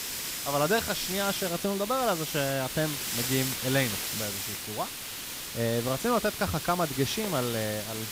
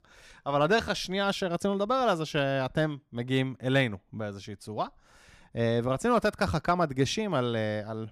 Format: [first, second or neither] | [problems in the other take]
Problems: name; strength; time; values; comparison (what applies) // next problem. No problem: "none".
second | hiss; loud; throughout; 3 dB below the speech